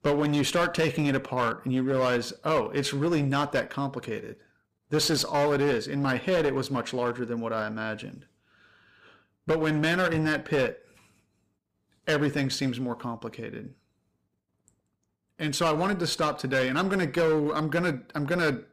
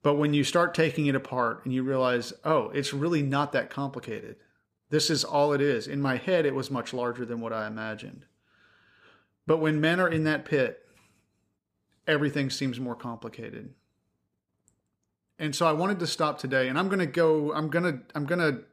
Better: second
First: distortion; slight; 9% of the sound clipped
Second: none

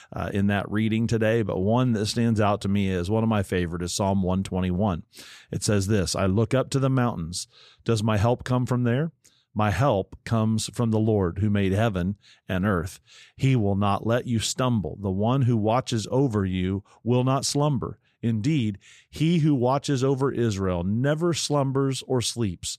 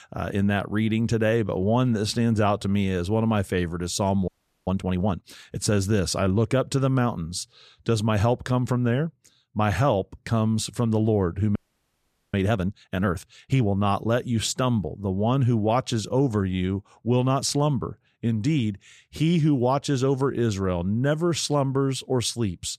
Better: first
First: none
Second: audio freezing; at 4.5 s and at 12 s for 1 s

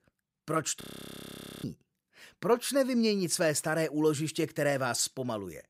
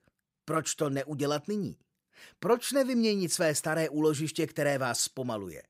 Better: second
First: audio freezing; at 1 s for 1 s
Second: none

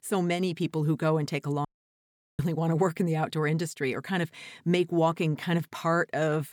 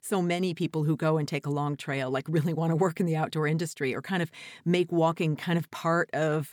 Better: second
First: audio cutting out; at 1.5 s for 0.5 s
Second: none

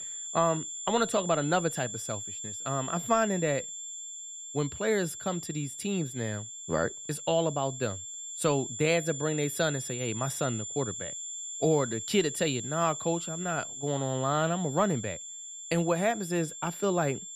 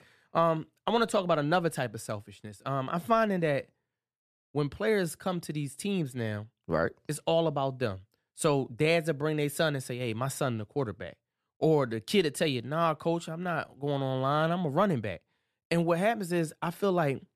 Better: second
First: high-pitched whine; loud; throughout; 7.5 kHz, 7 dB below the speech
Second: none

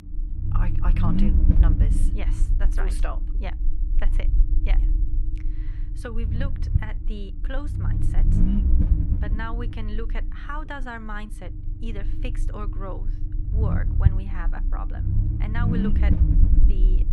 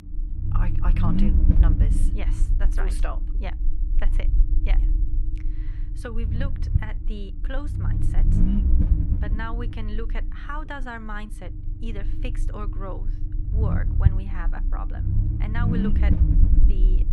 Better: neither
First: low rumble; loud; throughout; 2 dB below the speech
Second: low rumble; loud; throughout; 2 dB below the speech

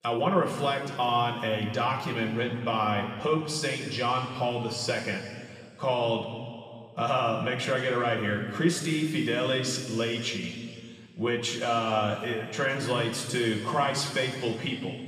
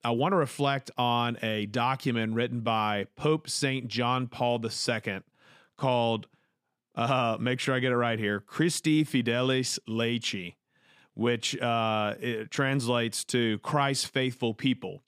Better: second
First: room echo; noticeable; dies away in 2 s // off-mic speech; somewhat distant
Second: none

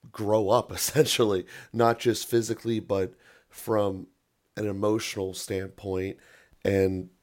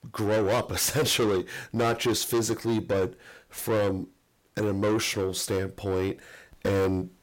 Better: first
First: none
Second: distortion; heavy; 6 dB below the speech

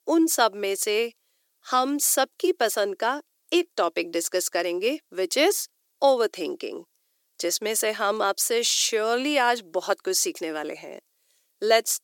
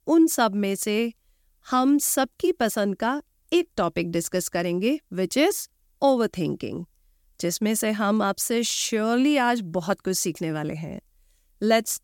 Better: second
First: thin; somewhat; fading below 400 Hz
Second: none

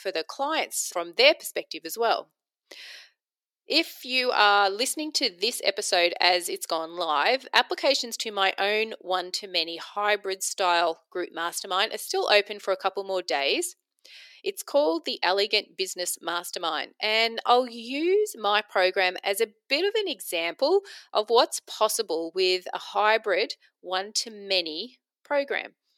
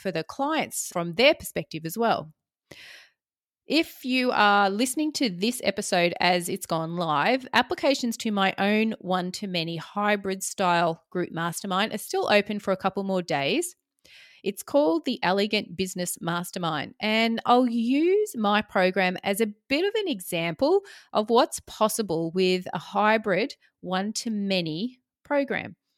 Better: second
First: thin; somewhat; fading below 400 Hz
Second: none

